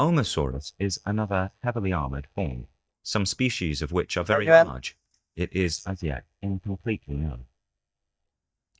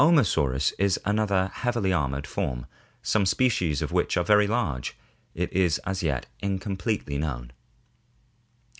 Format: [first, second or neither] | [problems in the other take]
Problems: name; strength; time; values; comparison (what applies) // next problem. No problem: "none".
second | noise reduction (neural mask model DeepFilterNet 3)